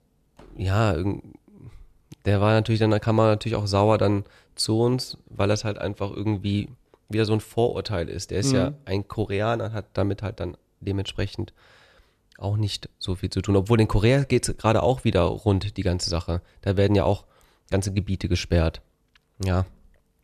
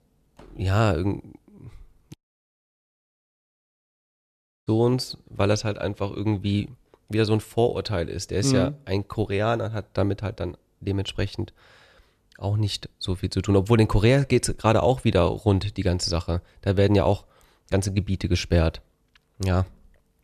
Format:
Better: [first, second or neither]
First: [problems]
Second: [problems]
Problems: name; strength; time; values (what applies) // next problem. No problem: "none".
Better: first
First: none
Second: audio cutting out; at 2 s for 2.5 s